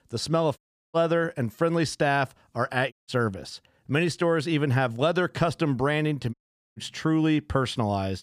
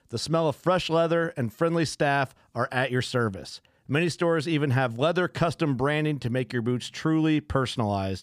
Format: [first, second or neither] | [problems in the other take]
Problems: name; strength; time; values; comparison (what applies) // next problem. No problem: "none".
second | audio cutting out; at 0.5 s, at 3 s and at 6.5 s